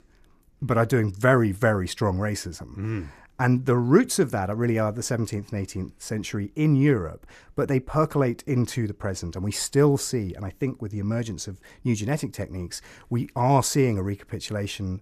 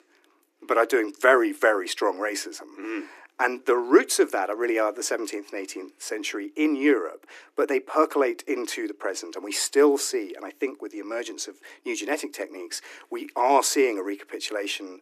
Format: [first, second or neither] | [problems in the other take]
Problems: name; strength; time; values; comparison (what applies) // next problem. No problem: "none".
first | thin; somewhat; fading below 300 Hz